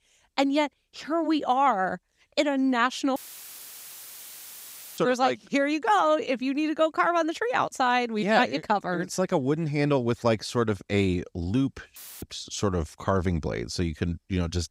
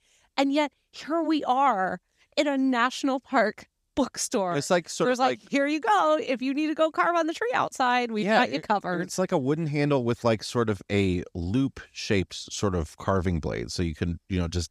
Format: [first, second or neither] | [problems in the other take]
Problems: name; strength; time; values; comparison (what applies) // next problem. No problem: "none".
second | audio cutting out; filled with static; at 3 s for 2 s and at 12 s